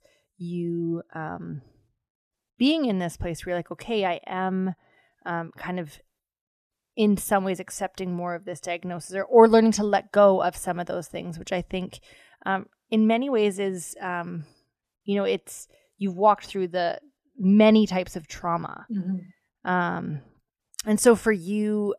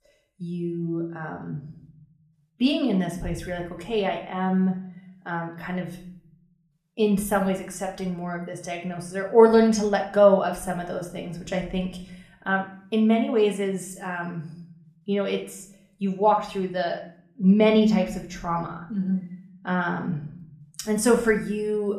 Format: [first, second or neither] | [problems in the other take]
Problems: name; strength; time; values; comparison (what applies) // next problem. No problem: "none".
first | room echo; slight; dies away in 0.5 s // off-mic speech; somewhat distant